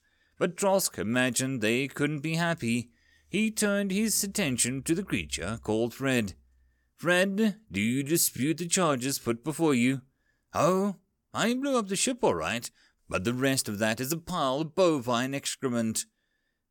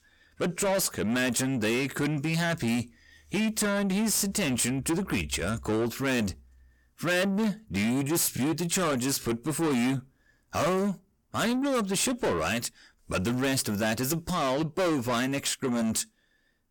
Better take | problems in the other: first | distortion; heavy; 7 dB below the speech

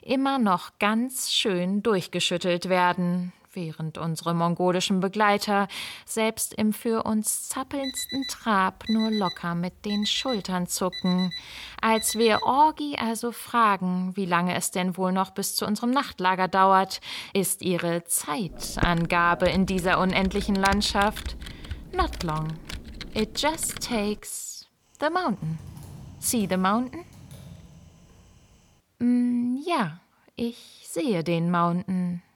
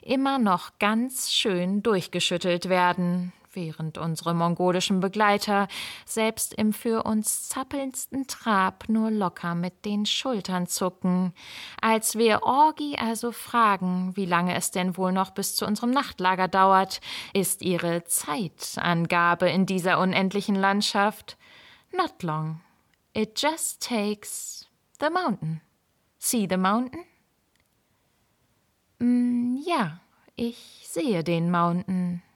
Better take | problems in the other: second | alarm; noticeable; from 8 to 13 s; peak 8 dB below the speech // keyboard typing; noticeable; from 19 to 24 s; peak 6 dB below the speech // keyboard typing; faint; from 25 to 29 s; peak 15 dB below the speech

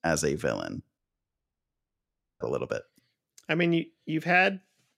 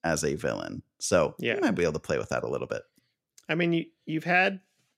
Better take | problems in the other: second | audio cutting out; at 1 s for 1.5 s

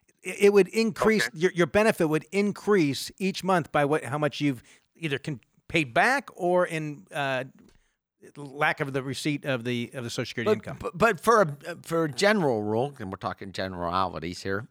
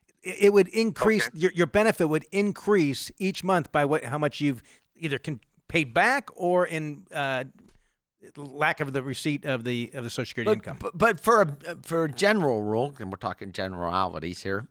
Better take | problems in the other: first | garbled, watery; slightly

